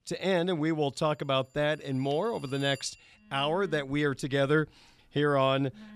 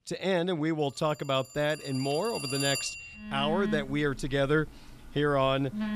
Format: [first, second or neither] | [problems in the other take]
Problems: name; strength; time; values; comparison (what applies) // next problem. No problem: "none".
first | alarms or sirens; loud; throughout; 6 dB below the speech; faint in the first